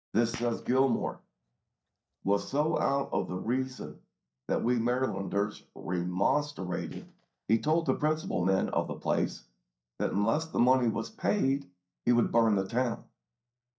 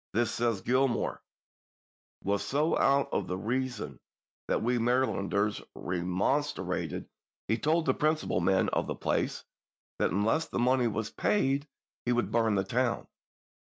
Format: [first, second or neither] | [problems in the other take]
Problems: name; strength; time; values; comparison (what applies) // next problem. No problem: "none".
second | noise reduction (neural mask model DeepFilterNet 3)